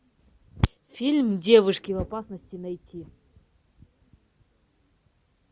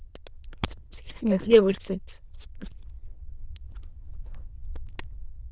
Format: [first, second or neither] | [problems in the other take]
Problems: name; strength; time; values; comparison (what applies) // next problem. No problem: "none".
first | noise reduction (neural diffusion model UNIVERSE++)